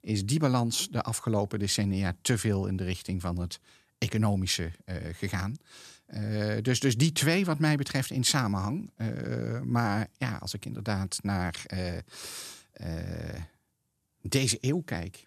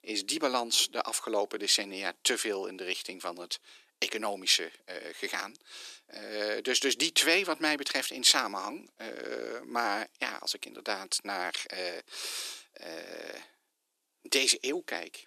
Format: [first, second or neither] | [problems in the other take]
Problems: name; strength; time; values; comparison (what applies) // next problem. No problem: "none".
first | thin; very; fading below 350 Hz